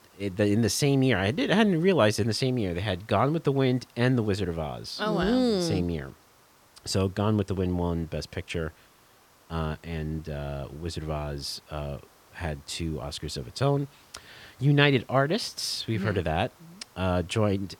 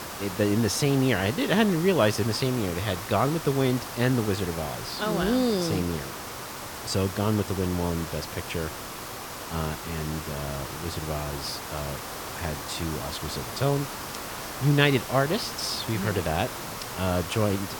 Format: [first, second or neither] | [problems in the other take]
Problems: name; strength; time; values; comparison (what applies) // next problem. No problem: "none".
first | hiss; loud; throughout; 8 dB below the speech; faint in the first